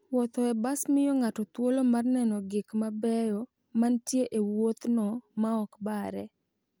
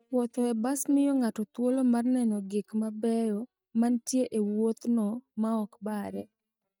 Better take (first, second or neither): first